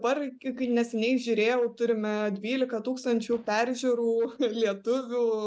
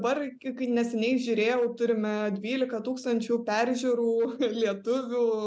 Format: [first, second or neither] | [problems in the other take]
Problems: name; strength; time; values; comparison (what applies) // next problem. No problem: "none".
second | noise reduction (neural mask model DeepFilterNet 3)